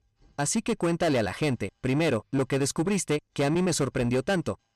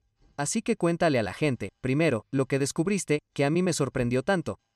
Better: second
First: distortion; slight; 13% of the sound clipped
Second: none

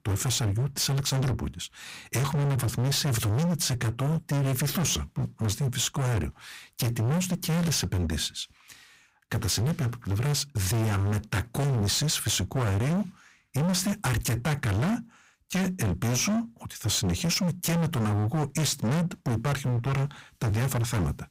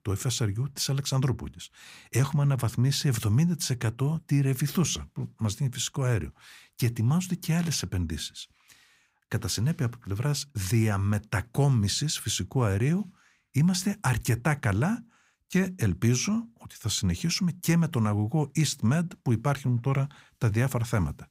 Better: second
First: distortion; heavy; 31% of the sound clipped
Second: none

